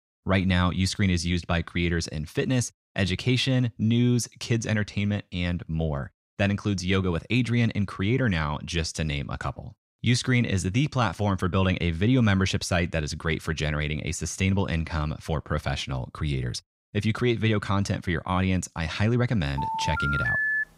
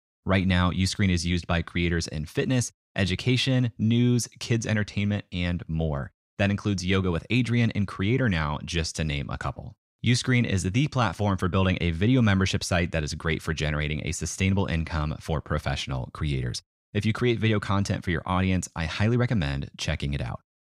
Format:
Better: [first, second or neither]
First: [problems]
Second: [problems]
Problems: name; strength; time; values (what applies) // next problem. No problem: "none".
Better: second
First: phone ringing; loud; from 20 s on; peak 2 dB above the speech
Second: none